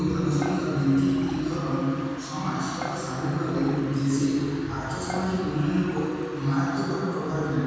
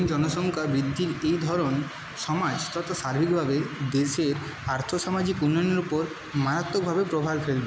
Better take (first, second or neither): second